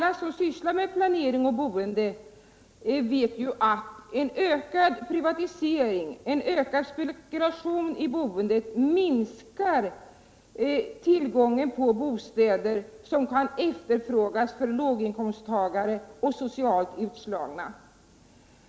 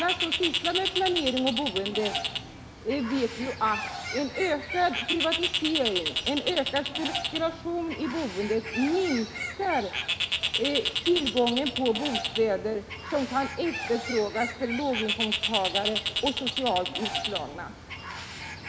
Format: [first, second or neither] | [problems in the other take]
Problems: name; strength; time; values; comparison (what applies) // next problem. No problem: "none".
first | background sound (Bird); 3 dB below the speech